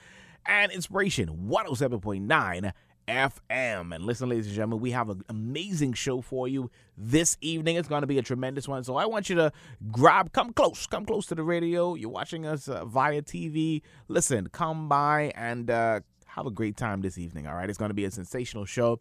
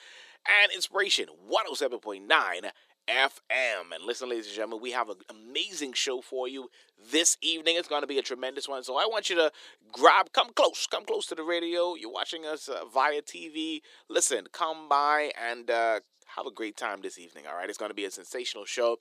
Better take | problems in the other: first | thin; very; fading below 350 Hz

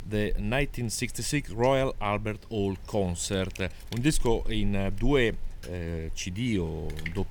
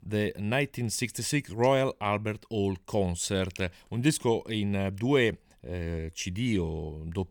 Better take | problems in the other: second | wind noise on the microphone; occasional gusts; 20 dB below the speech

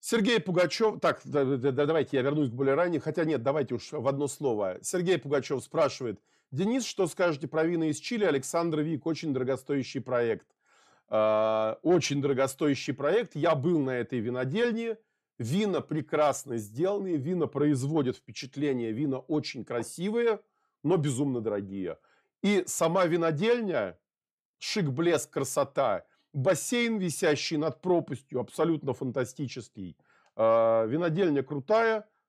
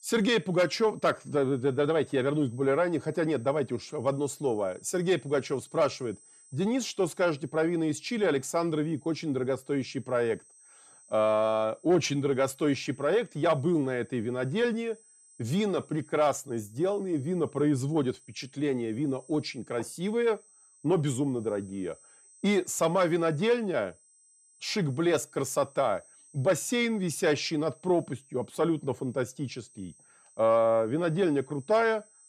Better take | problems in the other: first | high-pitched whine; faint; throughout; 8 kHz, 25 dB below the speech

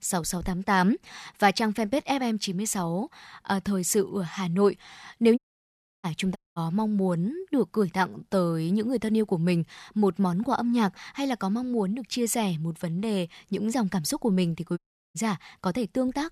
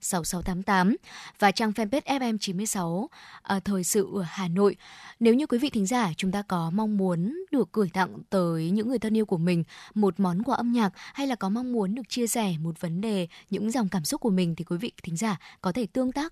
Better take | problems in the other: second | audio cutting out; at 5.5 s for 0.5 s, at 6.5 s and at 15 s

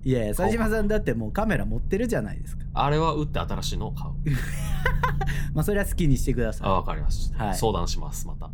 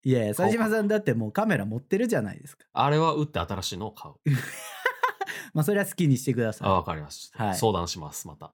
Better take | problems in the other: second | low rumble; noticeable; throughout; 20 dB below the speech

